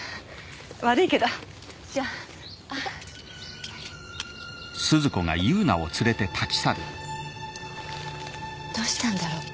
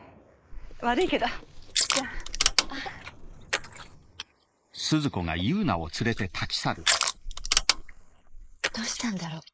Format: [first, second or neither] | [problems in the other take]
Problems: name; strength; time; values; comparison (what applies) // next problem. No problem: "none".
first | noise reduction (neural mask model Resemble Enhance denoiser)